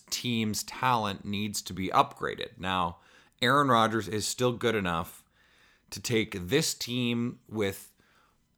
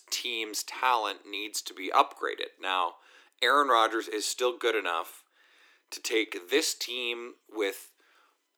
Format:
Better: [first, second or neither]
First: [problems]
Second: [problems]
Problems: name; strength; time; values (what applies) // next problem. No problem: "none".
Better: first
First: none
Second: thin; very; fading below 300 Hz